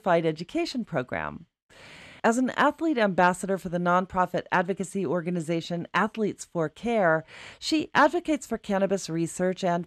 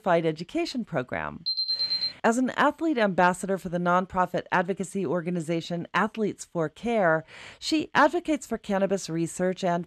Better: first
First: none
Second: alarm; loud; at 1.5 s; peak 2 dB above the speech

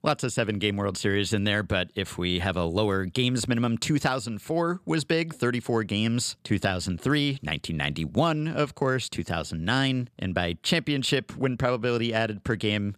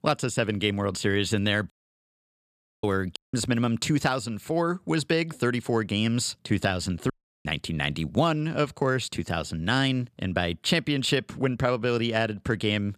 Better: first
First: none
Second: audio cutting out; at 1.5 s for 1 s, at 3 s and at 7 s

